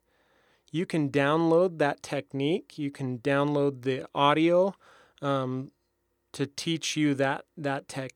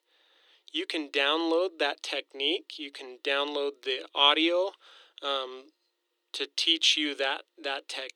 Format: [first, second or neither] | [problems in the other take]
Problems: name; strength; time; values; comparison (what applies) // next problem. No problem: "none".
first | thin; somewhat; fading below 300 Hz